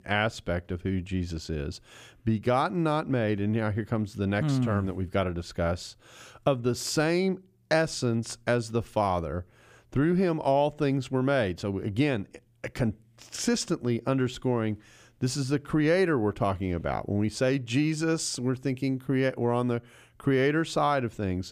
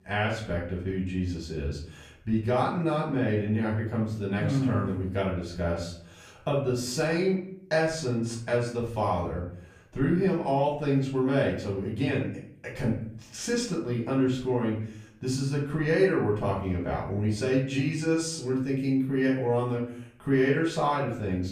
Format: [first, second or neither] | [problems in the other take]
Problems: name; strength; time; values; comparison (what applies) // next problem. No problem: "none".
first | off-mic speech; far // room echo; slight; dies away in 0.5 s